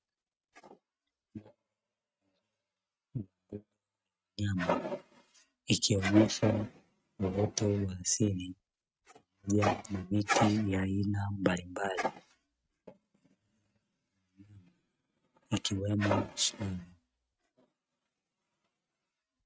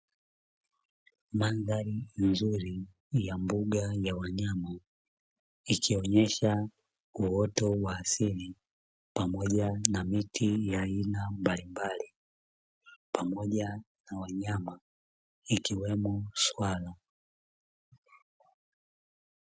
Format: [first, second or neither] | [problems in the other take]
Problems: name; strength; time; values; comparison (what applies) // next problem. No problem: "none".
second | noise reduction (neural mask model RNNoise)